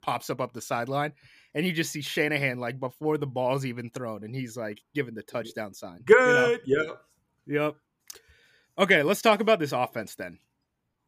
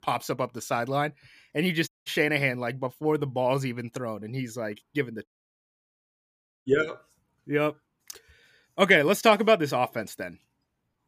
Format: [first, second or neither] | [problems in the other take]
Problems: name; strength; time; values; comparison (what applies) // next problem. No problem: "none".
first | audio cutting out; at 2 s and at 5.5 s for 1.5 s